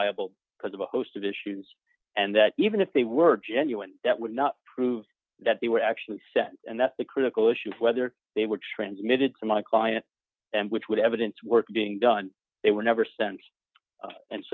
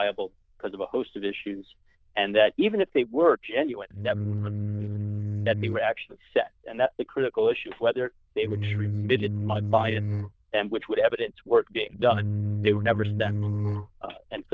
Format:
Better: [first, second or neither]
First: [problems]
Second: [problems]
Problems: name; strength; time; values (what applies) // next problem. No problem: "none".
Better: first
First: none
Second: noise reduction (neural diffusion model UNIVERSE++)